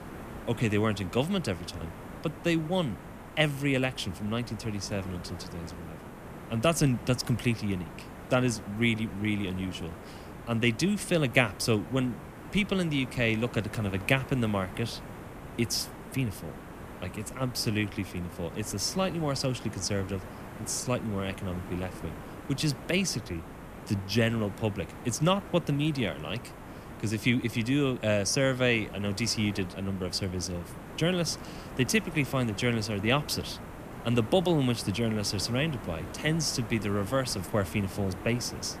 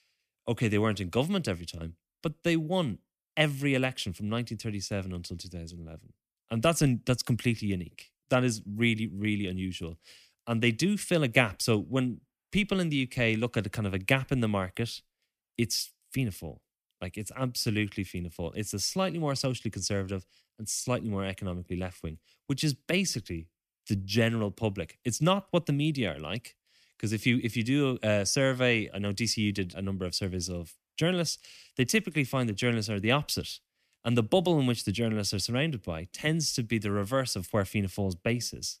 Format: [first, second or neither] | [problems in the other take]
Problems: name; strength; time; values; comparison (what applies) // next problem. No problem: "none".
second | hiss; noticeable; throughout; 15 dB below the speech